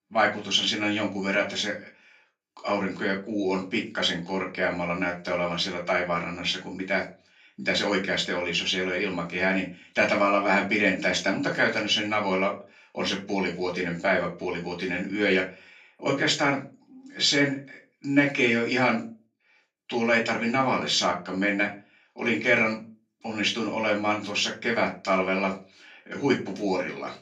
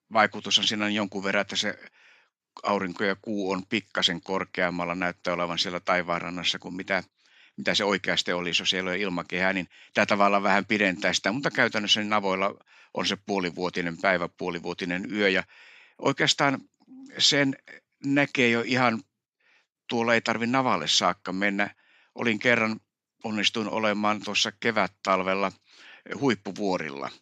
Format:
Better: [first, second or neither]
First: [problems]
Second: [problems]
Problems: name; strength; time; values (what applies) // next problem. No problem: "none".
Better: second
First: off-mic speech; far // room echo; very slight; dies away in 0.3 s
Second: none